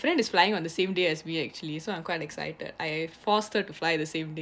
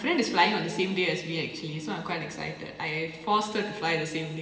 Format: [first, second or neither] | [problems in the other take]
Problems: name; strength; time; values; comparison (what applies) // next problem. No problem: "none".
first | room echo; dies away in 1.3 s